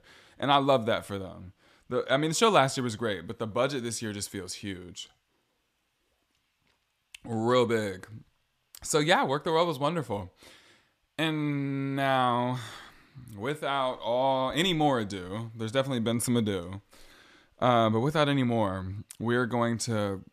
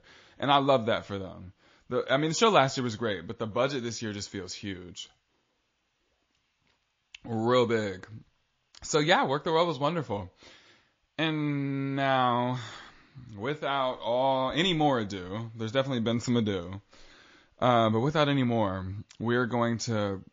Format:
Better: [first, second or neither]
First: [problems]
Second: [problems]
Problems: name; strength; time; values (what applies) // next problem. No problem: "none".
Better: first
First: none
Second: garbled, watery; slightly